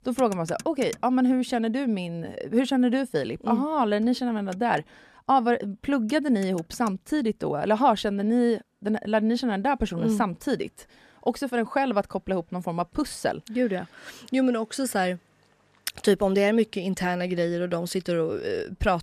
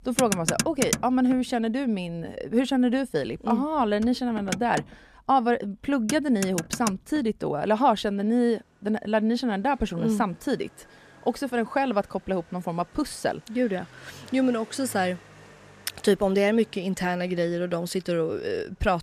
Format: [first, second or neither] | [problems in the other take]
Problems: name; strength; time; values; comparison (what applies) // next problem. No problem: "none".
first | traffic noise; loud; throughout; 7 dB below the speech; faint in the first